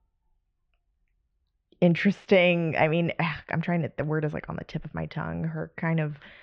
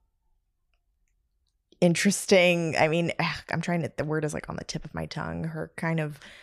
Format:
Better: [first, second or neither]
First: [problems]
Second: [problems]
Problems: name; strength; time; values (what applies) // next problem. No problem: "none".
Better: second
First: muffled; very; fading above 3.5 kHz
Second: none